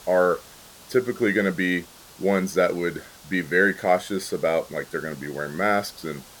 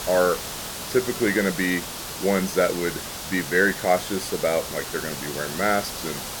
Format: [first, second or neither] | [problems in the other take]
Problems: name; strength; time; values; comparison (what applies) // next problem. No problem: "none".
first | hiss; loud; throughout; 7 dB below the speech; faint in the first